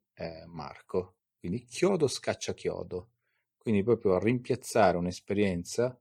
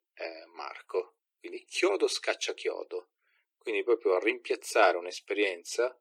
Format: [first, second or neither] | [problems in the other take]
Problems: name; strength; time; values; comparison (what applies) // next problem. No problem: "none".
first | thin; very; fading below 300 Hz